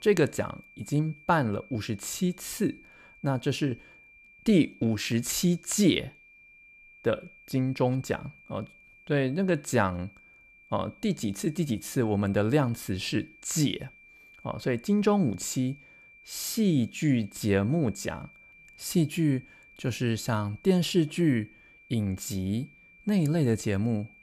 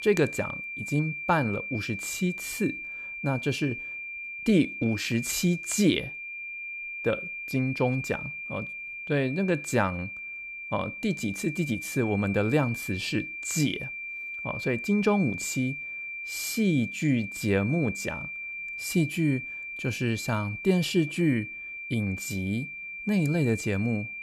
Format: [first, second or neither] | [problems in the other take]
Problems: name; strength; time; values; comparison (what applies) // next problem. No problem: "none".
first | high-pitched whine; loud; throughout; 2.5 kHz, 7 dB below the speech; faint in the first